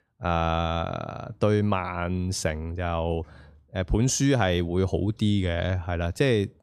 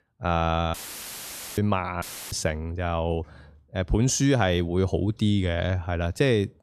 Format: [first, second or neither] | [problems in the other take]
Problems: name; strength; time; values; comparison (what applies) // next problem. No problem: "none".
first | audio cutting out; filled with static; at 0.5 s for 1 s and at 2 s